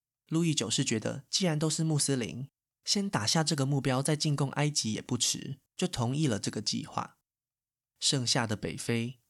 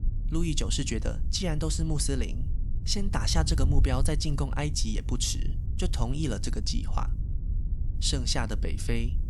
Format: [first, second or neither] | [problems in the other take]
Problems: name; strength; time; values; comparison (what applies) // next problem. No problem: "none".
first | wind noise on the microphone; occasional gusts; 15 dB below the speech